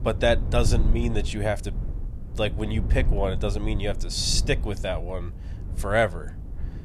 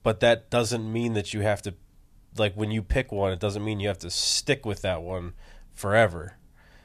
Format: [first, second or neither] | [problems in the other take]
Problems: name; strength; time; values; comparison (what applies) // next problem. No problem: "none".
second | low rumble; noticeable; throughout; 15 dB below the speech